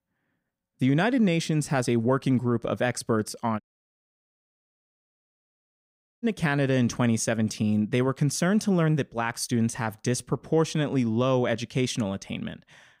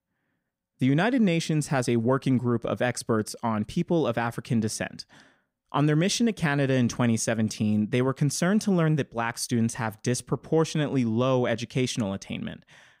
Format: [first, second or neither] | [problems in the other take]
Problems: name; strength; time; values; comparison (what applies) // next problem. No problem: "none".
second | audio cutting out; at 3.5 s for 2.5 s